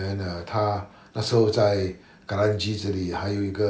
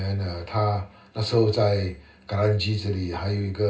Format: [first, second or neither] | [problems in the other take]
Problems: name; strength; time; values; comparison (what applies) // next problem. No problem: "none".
first | room echo; dies away in 0.2 s